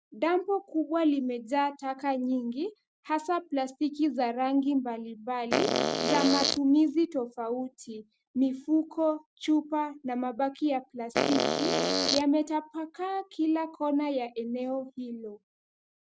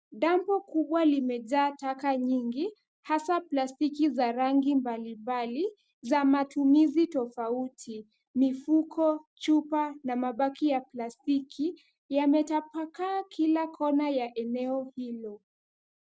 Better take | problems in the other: second | background sound (Fart); 2 dB above the speech

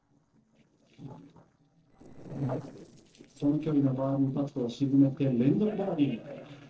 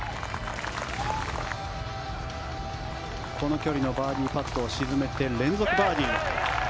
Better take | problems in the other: second | noise reduction (neural separator model SepFormer DNS4)

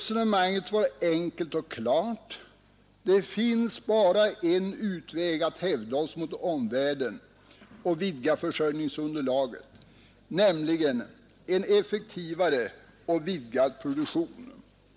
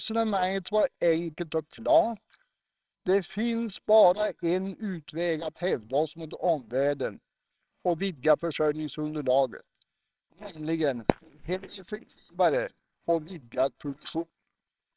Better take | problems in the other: first | noise reduction (neural separator model SepFormer WHAMR!)

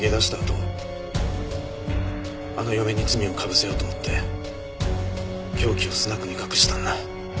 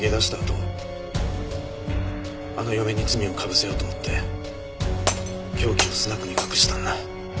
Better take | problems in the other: first | background sound (Glass); 6 dB below the speech

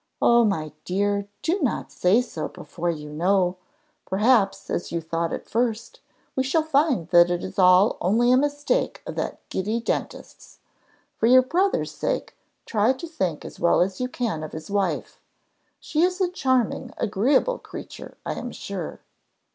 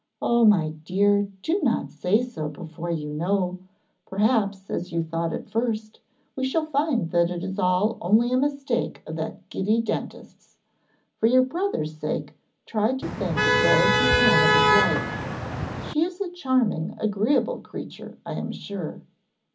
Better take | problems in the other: first | background sound (Motor vehicle (road)); 3 dB above the speech // room echo; dies away in 0.4 s

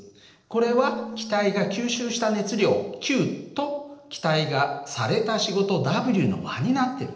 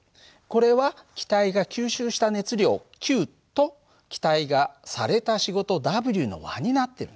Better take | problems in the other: second | noise reduction (neural separator model SepFormer DNS4)

